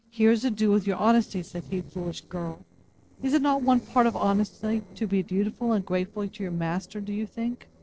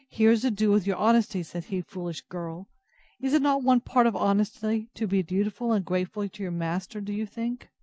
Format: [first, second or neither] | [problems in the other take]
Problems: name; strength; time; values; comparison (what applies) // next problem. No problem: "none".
second | noise reduction (neural separator model SepFormer DNS4)